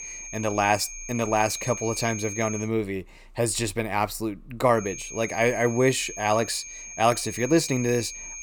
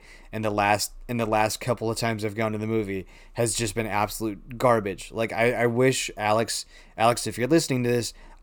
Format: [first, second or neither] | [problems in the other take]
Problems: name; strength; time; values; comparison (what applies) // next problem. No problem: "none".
second | high-pitched whine; loud; until 2.5 s and from 5 s on; 6.5 kHz, 10 dB below the speech